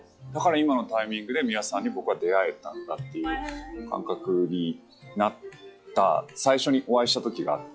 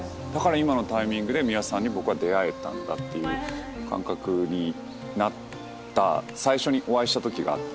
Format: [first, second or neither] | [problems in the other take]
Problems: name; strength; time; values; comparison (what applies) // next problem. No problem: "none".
second | noise reduction (classical method log-MMSE)